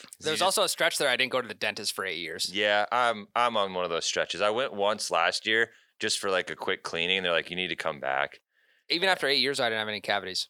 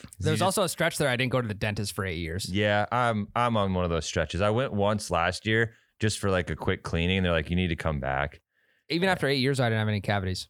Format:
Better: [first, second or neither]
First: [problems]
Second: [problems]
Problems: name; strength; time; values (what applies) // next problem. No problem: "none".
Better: second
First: thin; somewhat; fading below 400 Hz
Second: none